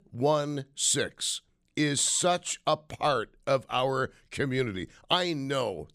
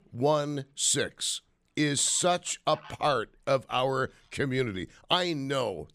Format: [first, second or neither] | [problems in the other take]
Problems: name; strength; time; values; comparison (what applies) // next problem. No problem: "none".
first | animal sounds; faint; throughout; 25 dB below the speech